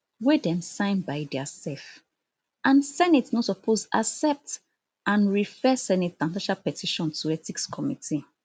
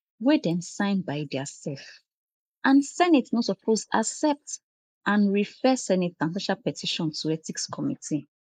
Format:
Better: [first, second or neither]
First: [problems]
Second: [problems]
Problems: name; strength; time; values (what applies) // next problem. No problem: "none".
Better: first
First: none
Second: noise reduction (neural mask model Resemble Enhance denoiser)